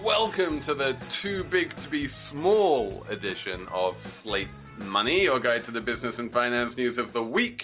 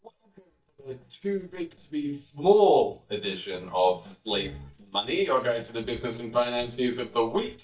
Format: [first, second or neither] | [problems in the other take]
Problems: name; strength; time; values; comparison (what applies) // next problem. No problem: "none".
first | noise reduction (neural mask model DeepFilterNet 3)